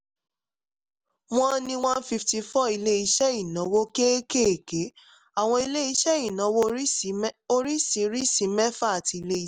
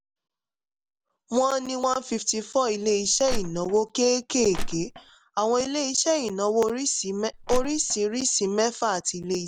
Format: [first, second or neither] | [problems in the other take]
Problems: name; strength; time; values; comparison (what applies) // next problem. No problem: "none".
first | background sound (Crushing); 4 dB below the speech